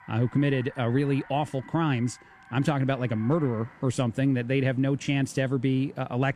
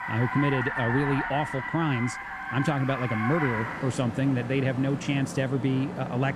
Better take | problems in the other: first | traffic noise; loud; throughout; 5 dB below the speech; faint in the first

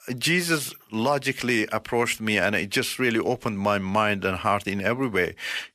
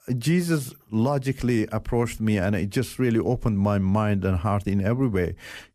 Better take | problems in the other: second | thin; somewhat; fading below 650 Hz

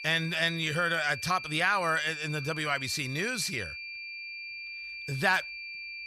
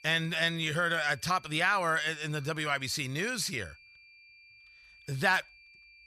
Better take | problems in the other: second | high-pitched whine; loud; throughout; 2.5 kHz, 9 dB below the speech; faint in the second

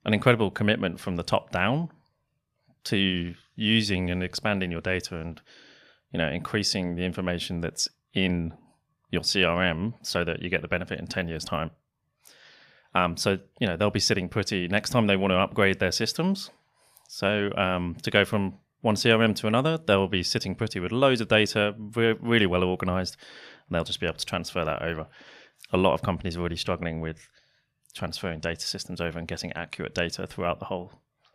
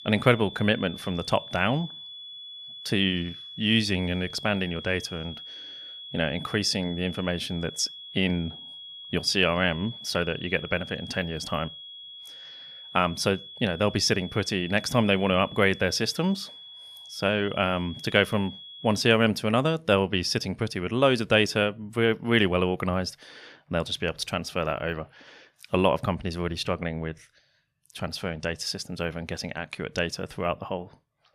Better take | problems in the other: first | high-pitched whine; noticeable; until 19 s; 3.5 kHz, 15 dB below the speech

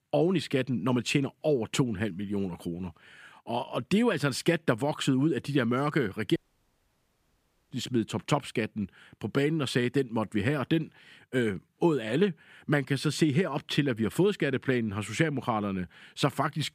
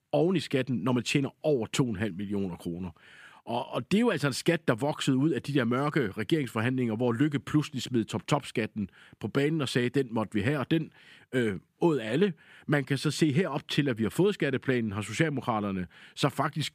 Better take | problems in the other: second | audio cutting out; at 6.5 s for 1.5 s

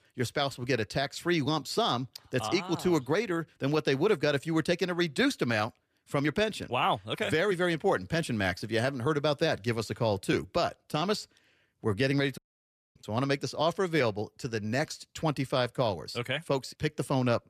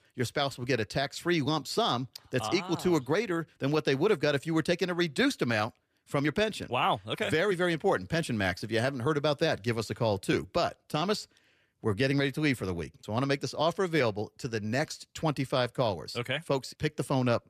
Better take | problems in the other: second | audio cutting out; at 12 s for 0.5 s

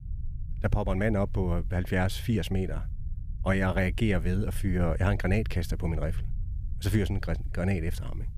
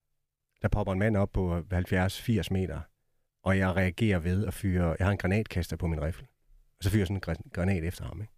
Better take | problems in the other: second | low rumble; faint; throughout; 20 dB below the speech

